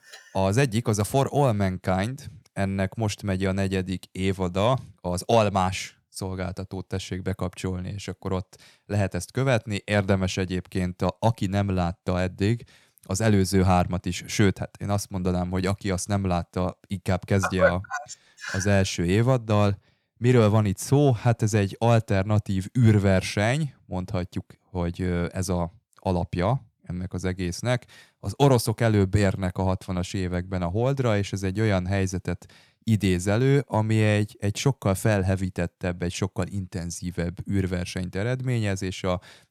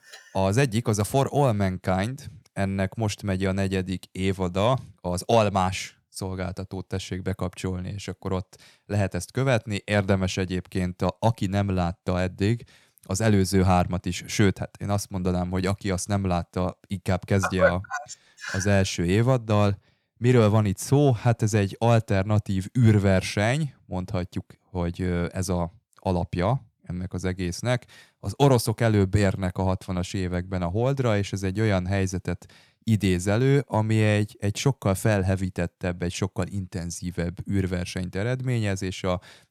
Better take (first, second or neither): neither